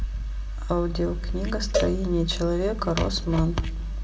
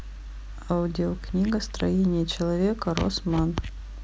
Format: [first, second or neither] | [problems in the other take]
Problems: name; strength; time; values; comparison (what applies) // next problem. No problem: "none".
second | background sound (Cowbell); 9 dB below the speech // room echo; dies away in 1.7 s